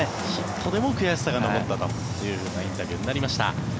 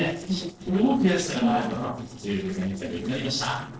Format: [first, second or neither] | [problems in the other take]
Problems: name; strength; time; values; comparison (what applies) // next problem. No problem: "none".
first | noise reduction (neural separator model SepFormer DNS4)